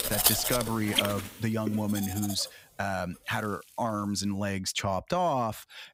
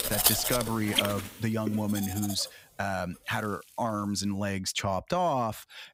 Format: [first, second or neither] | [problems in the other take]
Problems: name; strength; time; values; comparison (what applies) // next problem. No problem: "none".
neither | household noises; very loud; throughout; 1 dB above the speech; the same in both